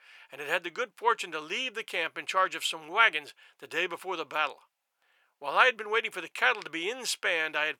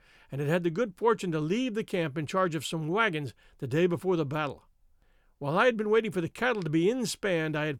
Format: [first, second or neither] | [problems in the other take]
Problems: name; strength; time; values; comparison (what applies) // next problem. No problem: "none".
second | thin; very; fading below 850 Hz